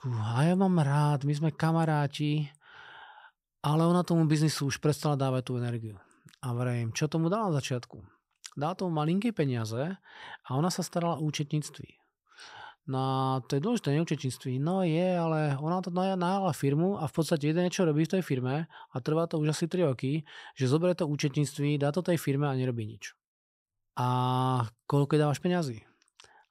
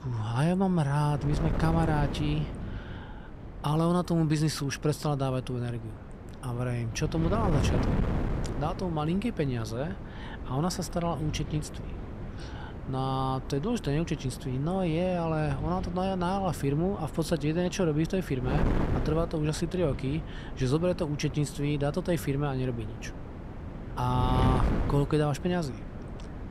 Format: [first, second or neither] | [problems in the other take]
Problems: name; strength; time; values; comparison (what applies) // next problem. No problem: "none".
first | wind noise on the microphone; heavy; 9 dB below the speech